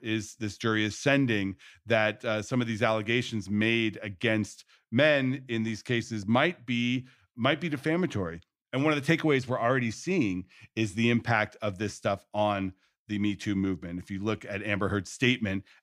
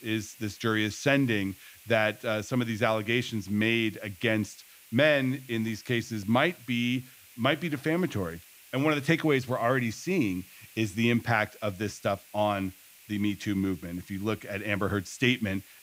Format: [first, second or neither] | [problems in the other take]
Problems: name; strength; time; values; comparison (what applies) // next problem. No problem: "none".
first | hiss; faint; throughout; 20 dB below the speech